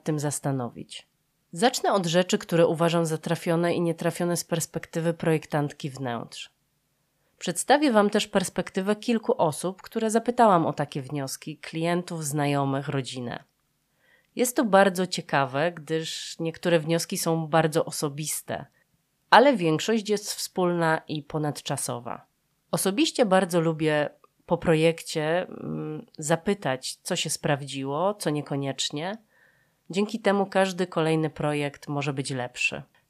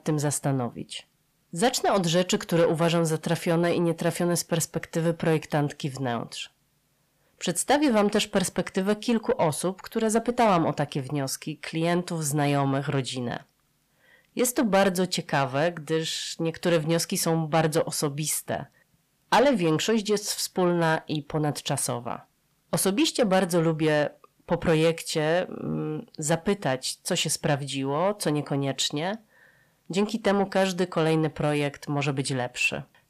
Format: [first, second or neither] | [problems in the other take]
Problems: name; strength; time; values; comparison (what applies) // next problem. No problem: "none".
first | distortion; slight; 10 dB below the speech